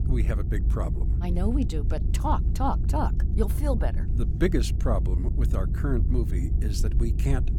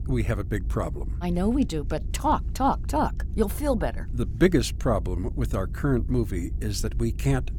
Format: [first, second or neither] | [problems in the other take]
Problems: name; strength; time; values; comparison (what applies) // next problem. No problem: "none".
second | low rumble; loud; throughout; 10 dB below the speech; faint in the second